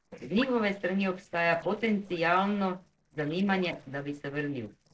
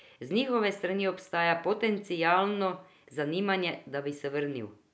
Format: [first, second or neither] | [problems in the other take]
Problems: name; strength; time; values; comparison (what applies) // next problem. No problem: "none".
second | noise reduction (neural separator model SepFormer DNS4)